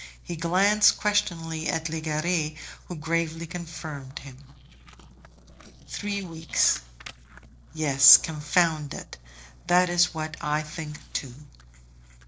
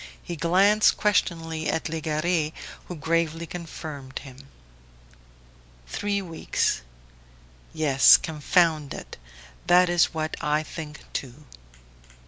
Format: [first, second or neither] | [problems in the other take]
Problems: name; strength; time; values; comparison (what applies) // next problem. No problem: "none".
second | noise reduction (neural separator model SepFormer DNS4)